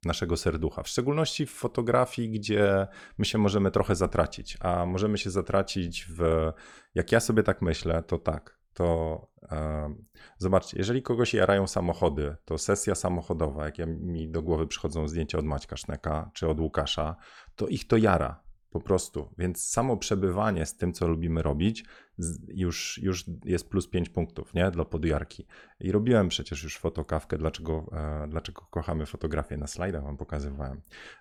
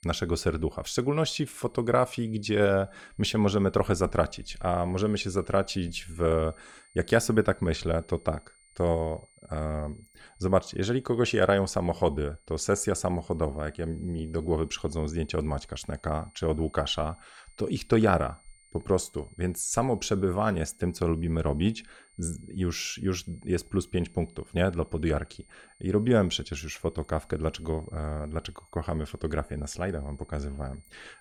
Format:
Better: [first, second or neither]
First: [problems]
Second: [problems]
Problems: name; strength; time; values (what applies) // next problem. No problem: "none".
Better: first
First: none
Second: high-pitched whine; faint; throughout; 9 kHz, 30 dB below the speech